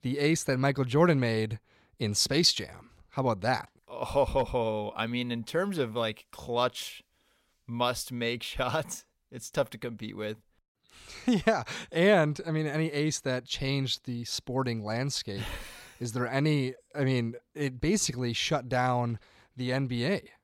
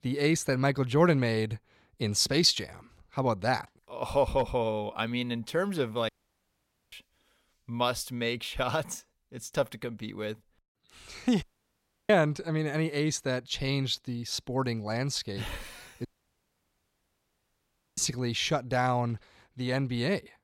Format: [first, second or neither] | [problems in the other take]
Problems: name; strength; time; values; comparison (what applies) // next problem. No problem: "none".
first | audio cutting out; at 6 s for 1 s, at 11 s for 0.5 s and at 16 s for 2 s